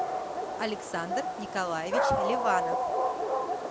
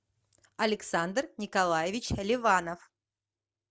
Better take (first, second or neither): second